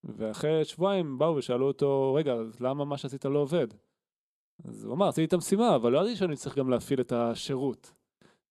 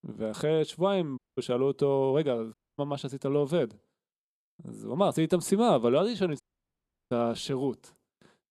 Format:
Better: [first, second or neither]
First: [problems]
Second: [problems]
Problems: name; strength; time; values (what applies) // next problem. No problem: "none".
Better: first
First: none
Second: audio cutting out; at 1 s, at 2.5 s and at 6.5 s for 0.5 s